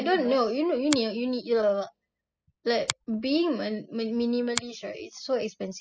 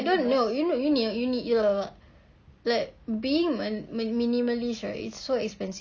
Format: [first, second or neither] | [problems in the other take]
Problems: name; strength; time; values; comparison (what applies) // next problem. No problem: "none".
second | noise reduction (classical method spectral subtraction)